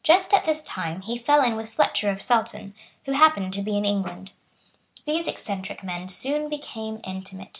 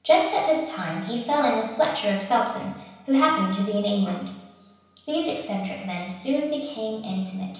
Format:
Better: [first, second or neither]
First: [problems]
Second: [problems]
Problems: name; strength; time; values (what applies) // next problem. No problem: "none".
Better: first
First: none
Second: room echo; dies away in 0.9 s